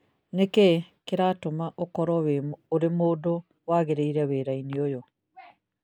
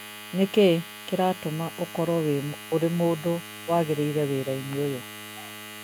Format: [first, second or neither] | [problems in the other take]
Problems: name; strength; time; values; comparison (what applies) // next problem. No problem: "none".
first | background sound (Domestic sounds, home sounds); 14 dB below the speech